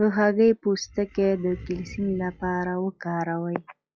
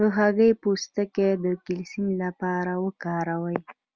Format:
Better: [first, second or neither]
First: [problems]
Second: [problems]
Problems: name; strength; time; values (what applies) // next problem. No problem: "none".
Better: second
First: noise reduction (classical method log-MMSE)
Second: none